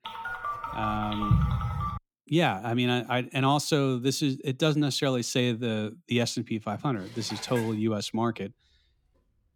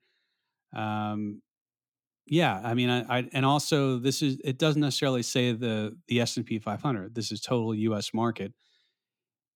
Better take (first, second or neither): second